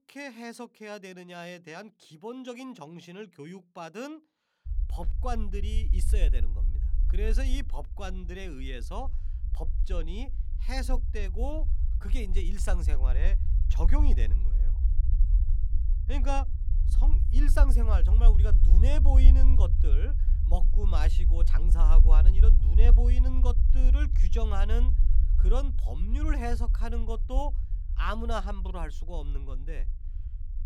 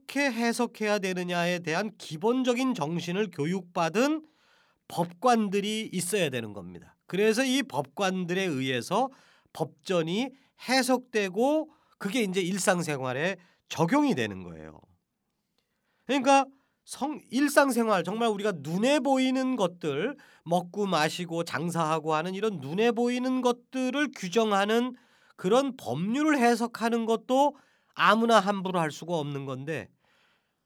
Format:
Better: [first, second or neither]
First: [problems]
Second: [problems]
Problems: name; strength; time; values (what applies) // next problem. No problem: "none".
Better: second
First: low rumble; loud; from 4.5 s on; 9 dB below the speech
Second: none